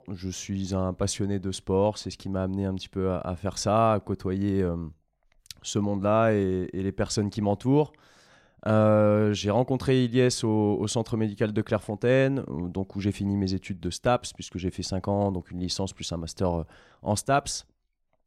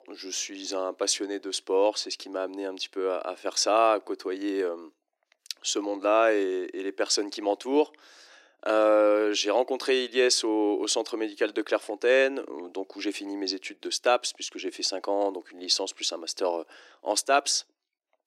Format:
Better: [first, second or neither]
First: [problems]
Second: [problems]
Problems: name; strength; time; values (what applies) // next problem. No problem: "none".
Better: first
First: none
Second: thin; very; fading below 300 Hz